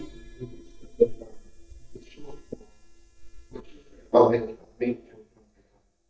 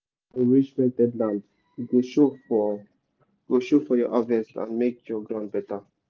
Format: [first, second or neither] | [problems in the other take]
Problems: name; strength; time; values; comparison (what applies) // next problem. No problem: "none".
second | noise reduction (neural mask model DeepFilterNet 3)